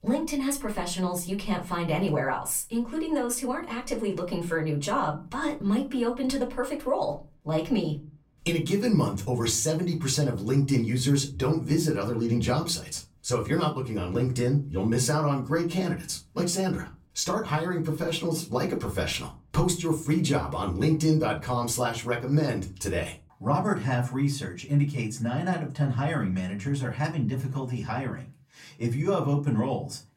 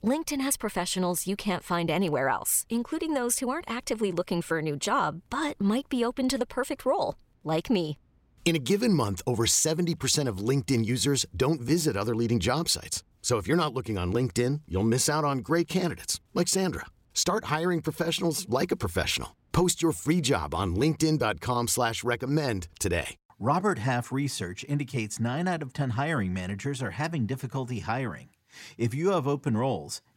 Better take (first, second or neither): second